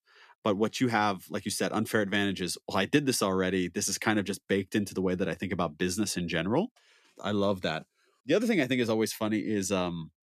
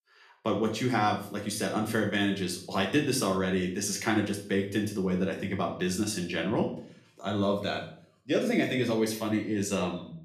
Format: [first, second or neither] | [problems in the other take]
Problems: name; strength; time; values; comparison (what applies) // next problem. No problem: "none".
first | room echo; slight; dies away in 0.4 s // off-mic speech; somewhat distant